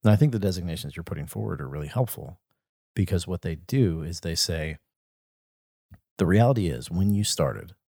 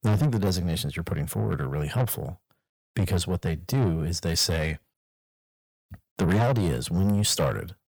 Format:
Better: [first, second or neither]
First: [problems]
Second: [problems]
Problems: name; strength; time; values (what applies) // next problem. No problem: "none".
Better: first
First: none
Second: distortion; heavy; 6 dB below the speech